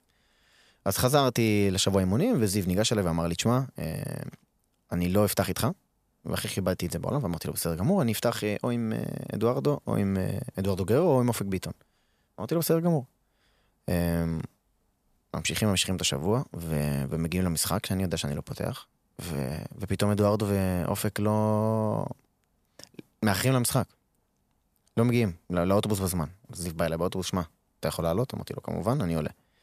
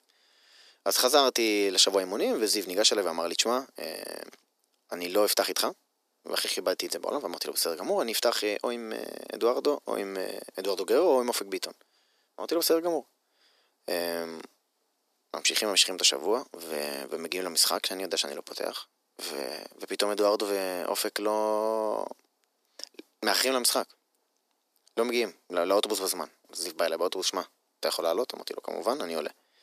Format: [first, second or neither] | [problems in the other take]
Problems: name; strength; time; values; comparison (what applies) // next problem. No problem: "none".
first | thin; very; fading below 300 Hz